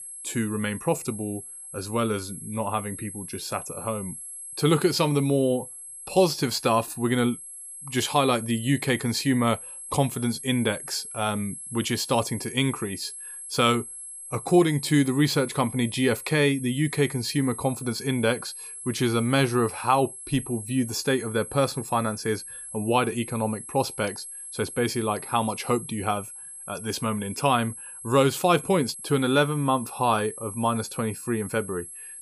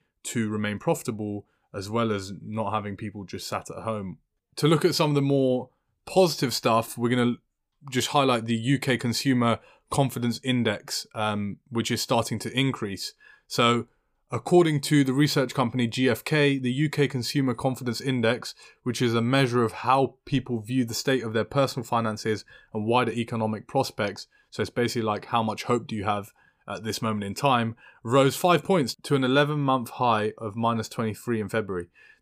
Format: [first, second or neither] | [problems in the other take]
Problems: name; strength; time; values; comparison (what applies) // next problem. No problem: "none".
second | high-pitched whine; noticeable; throughout; 11 kHz, 10 dB below the speech